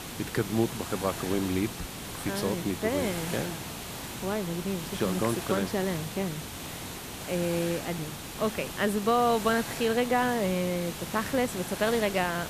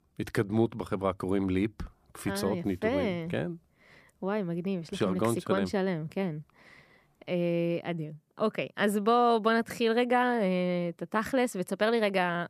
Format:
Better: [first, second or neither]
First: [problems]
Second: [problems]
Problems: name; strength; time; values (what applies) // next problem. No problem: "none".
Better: second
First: hiss; loud; throughout; 7 dB below the speech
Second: none